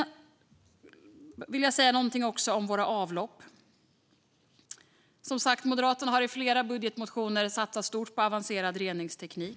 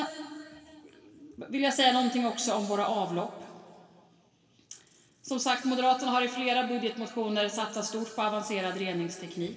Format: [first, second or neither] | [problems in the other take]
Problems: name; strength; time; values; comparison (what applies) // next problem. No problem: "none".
first | room echo; dies away in 2.3 s